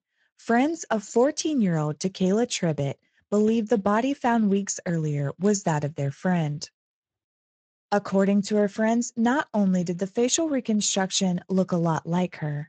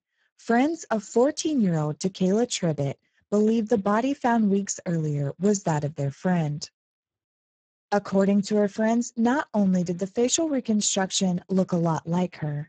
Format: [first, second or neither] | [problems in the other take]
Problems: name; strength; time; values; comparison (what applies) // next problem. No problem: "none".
first | garbled, watery; badly; nothing above 7.5 kHz; slightly in the first